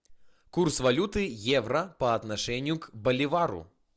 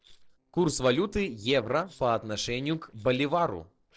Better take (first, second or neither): first